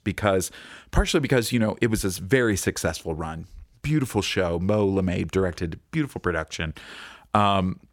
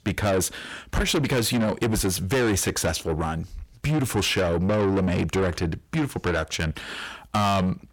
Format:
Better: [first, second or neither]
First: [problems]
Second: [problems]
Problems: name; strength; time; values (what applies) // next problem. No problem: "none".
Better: first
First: none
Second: distortion; heavy; 6 dB below the speech